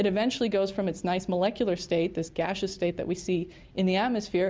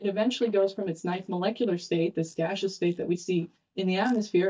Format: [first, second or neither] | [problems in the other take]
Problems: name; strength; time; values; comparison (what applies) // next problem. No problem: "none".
first | noise reduction (neural mask model DeepFilterNet 3)